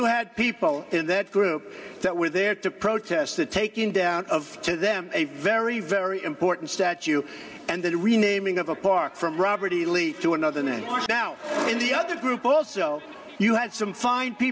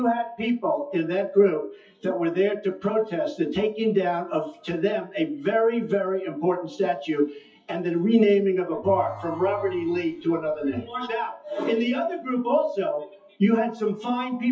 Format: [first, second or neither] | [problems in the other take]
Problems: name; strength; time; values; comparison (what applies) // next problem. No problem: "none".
first | noise reduction (classical method WPE with log-MMSE)